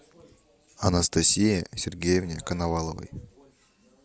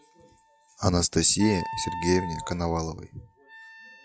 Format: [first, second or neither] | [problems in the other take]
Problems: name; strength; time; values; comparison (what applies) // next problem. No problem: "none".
first | noise reduction (classical method log-MMSE)